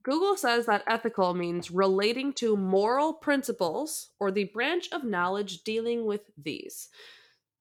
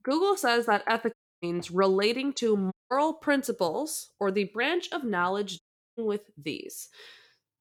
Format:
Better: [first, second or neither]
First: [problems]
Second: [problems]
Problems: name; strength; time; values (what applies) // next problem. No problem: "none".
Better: first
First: none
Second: audio cutting out; at 1 s, at 2.5 s and at 5.5 s